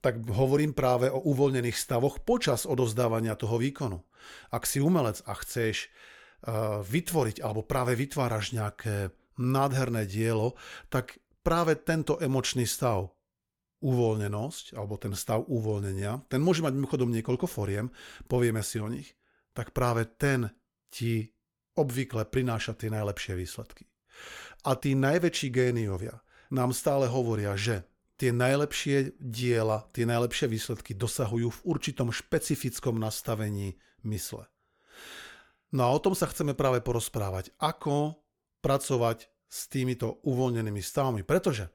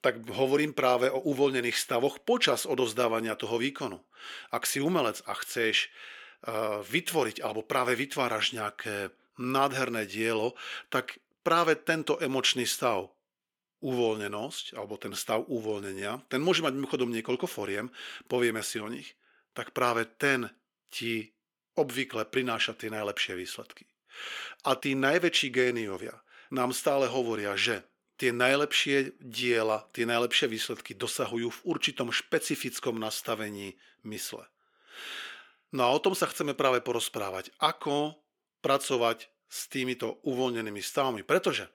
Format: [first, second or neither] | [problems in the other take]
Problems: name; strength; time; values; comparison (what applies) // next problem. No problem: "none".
first | thin; somewhat; fading below 300 Hz